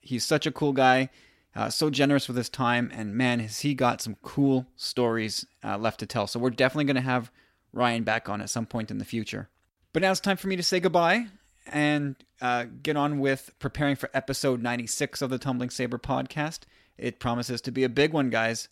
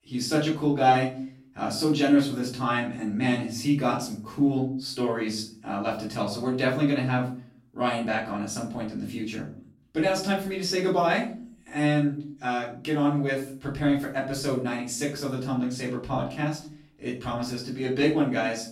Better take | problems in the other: first | off-mic speech; far // room echo; slight; dies away in 0.4 s

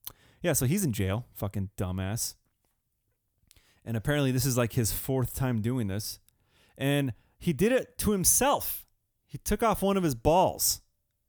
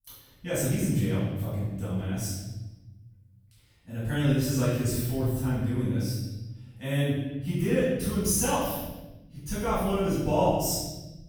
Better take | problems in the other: first | off-mic speech; far // room echo; strong; dies away in 1.4 s

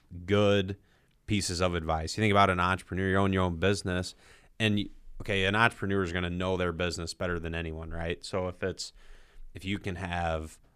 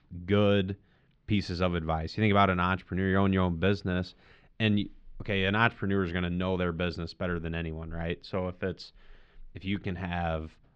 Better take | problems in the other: first | muffled; very slightly; fading above 4 kHz

